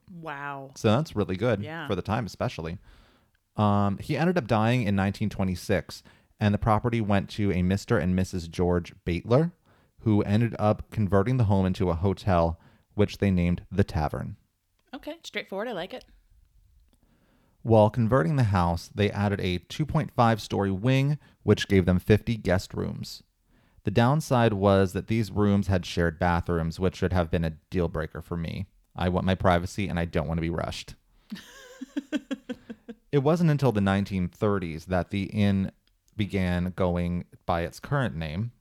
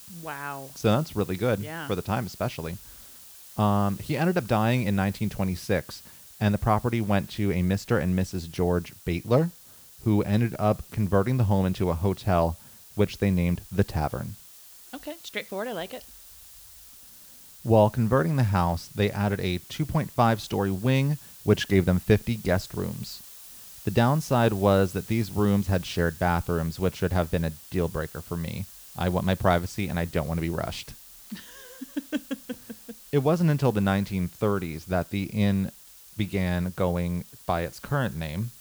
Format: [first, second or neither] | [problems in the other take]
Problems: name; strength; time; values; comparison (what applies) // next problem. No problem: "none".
first | hiss; noticeable; throughout; 20 dB below the speech